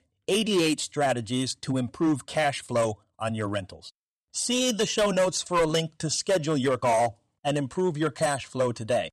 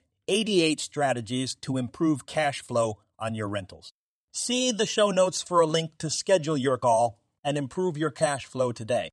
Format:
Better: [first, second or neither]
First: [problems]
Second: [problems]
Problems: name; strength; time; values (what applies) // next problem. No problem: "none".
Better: second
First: distortion; slight; 7% of the sound clipped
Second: none